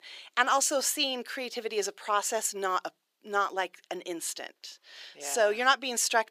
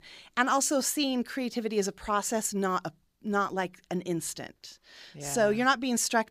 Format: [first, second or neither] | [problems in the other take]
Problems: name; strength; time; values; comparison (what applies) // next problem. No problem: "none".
second | thin; somewhat; fading below 400 Hz